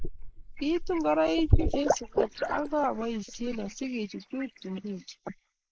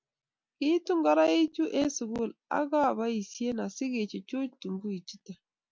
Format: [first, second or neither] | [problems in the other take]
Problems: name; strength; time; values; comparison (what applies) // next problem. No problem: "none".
second | noise reduction (neural mask model Resemble Enhance denoiser)